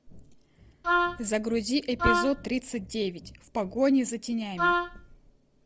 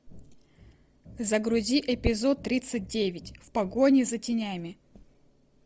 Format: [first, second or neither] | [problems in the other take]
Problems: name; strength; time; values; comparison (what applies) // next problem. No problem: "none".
second | background sound (Wind instrument, woodwind instrument); 1 dB above the speech